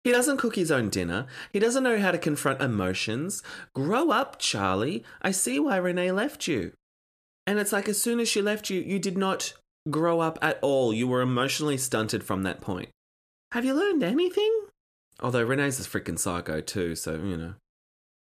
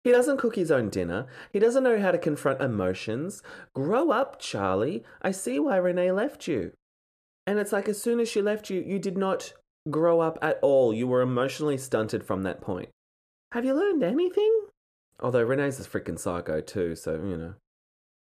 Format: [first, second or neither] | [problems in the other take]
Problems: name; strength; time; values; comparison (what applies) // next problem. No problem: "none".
first | muffled; slightly; fading above 2 kHz